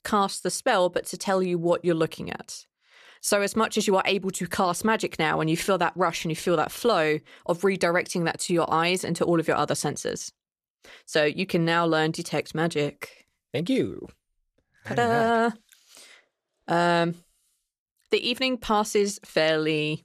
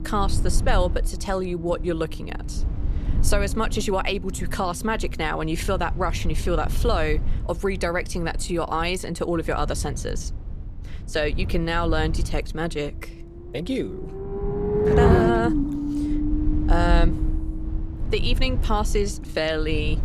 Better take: first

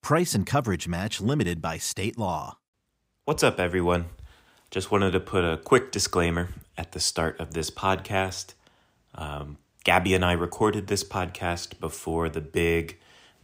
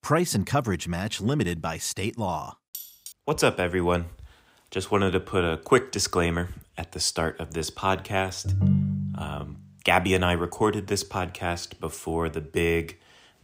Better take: first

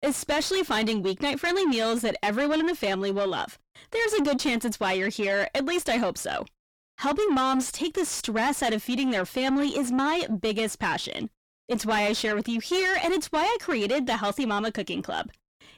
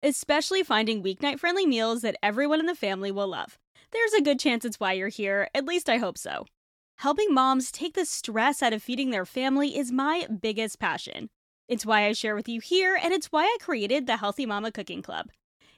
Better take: second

